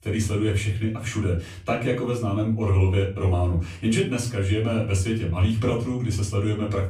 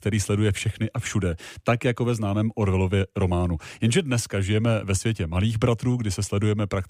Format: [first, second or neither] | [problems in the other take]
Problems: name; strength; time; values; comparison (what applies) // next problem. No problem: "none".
second | room echo; slight; dies away in 0.3 s // off-mic speech; far